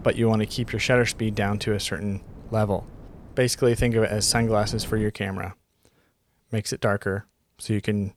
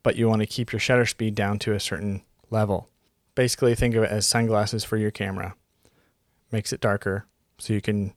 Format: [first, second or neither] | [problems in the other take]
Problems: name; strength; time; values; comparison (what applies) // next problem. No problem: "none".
second | wind noise on the microphone; occasional gusts; until 5 s; 25 dB below the speech